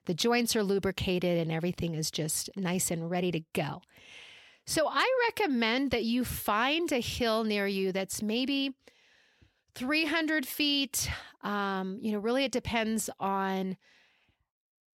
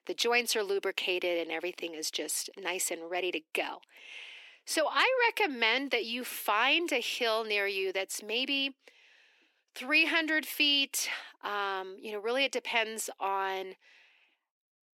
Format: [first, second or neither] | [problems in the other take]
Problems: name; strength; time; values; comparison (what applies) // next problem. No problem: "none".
first | thin; somewhat; fading below 300 Hz